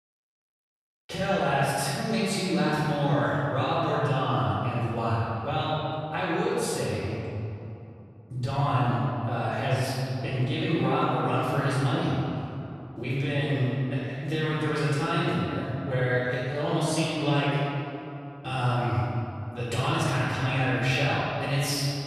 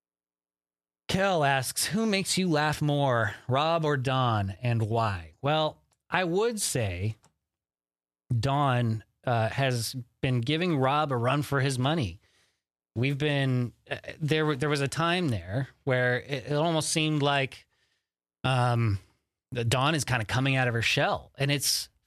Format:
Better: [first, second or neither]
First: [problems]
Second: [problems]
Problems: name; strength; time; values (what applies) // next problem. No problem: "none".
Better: second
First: off-mic speech; far // room echo; strong; dies away in 2.7 s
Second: none